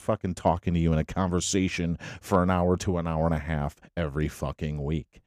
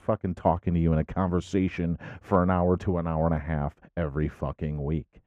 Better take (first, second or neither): first